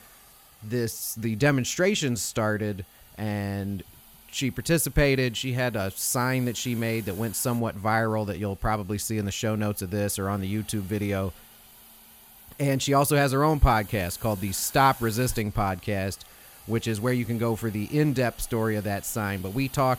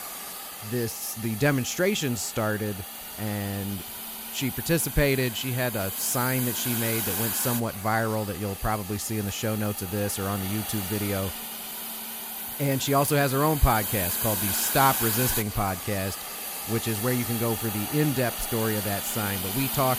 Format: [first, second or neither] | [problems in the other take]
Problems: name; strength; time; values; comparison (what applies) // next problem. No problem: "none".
first | hiss; loud; throughout; 3 dB below the speech; faint in the first